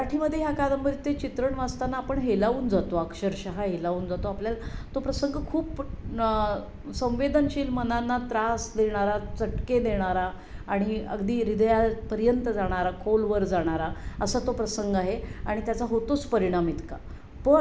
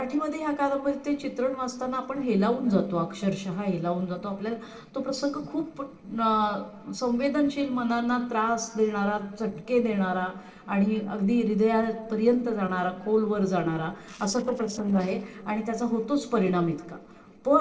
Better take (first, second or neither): first